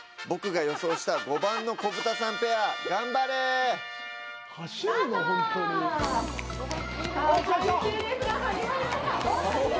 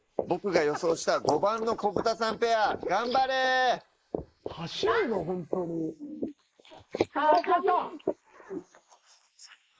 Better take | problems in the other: first | noise reduction (neural mask model Resemble Enhance denoiser)

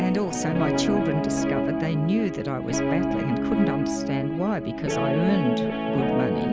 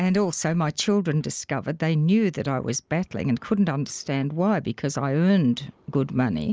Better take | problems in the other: second | background sound (Guitar); 1 dB above the speech

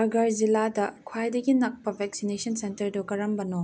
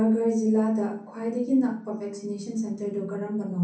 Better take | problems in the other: first | room echo; dies away in 0.6 s

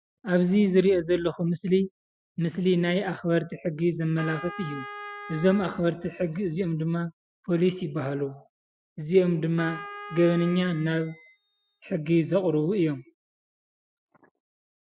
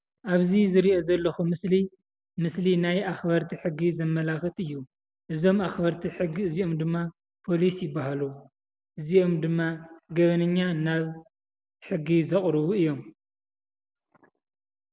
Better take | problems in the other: second | noise reduction (classical method Wiener filter)

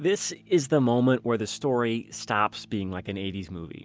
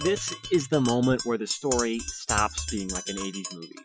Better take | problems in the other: first | noise reduction (classical method Wiener filter)

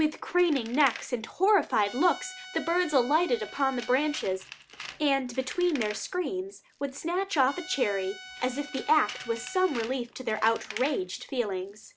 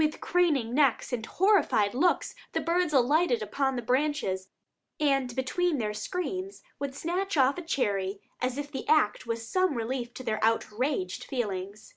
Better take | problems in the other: second | background sound (Trumpet + Tools); 16 dB below the speech

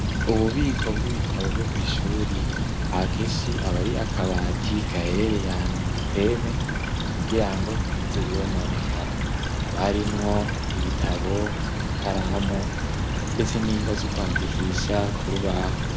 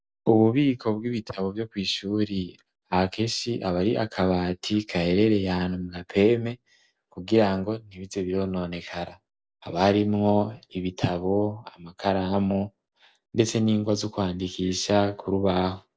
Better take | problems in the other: second | background sound (Stream / Trickle, dribble); 3 dB above the speech

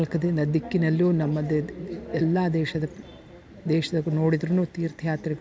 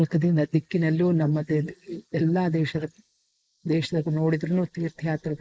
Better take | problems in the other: first | noise reduction (neural mask model Resemble Enhance denoiser)

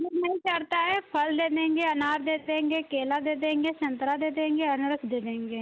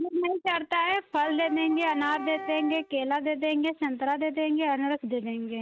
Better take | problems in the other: first | noise reduction (neural mask model RNNoise)

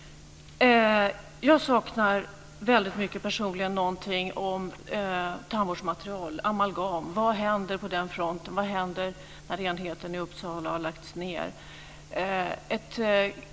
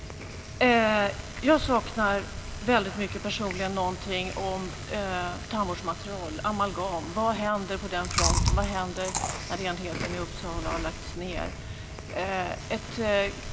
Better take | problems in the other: first | background sound (Chewing, mastication); 5 dB below the speech

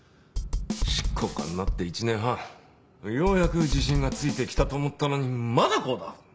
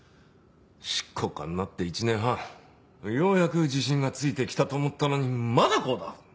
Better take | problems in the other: second | background sound (Drum / Drum kit); 2 dB below the speech

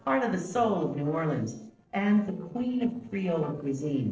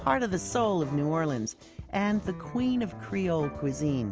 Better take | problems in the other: second | noise reduction (neural separator model SepFormer DNS4)

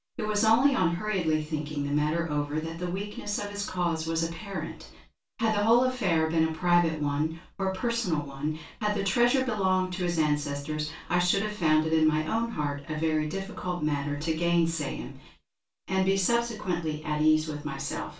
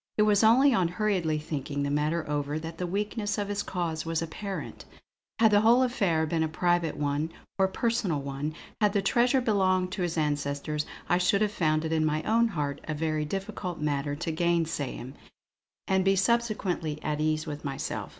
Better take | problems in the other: second | room echo; dies away in 0.2 s

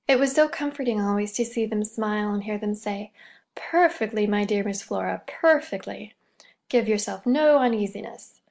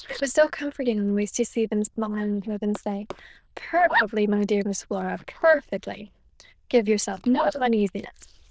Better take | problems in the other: first | noise reduction (neural diffusion model UNIVERSE++)

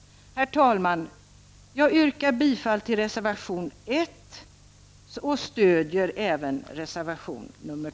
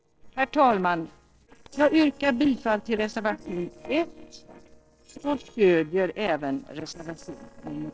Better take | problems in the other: first | noise reduction (neural separator model SepFormer DNS4)

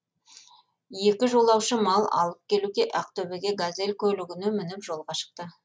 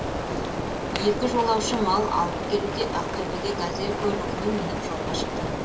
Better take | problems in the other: first | background sound (Rain); 1 dB below the speech // room echo; dies away in 1.5 s

